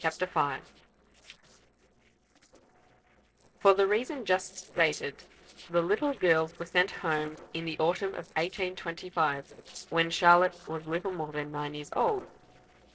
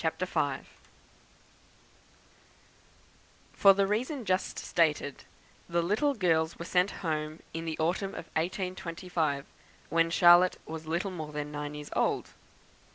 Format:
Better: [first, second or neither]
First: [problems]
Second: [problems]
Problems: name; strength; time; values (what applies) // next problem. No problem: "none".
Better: second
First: noise reduction (neural separator model SepFormer DNS4)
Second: none